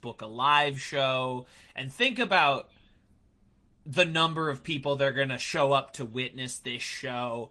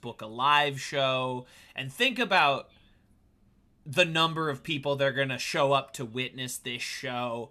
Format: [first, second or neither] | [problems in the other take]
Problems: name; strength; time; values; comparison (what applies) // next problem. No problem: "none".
second | garbled, watery; slightly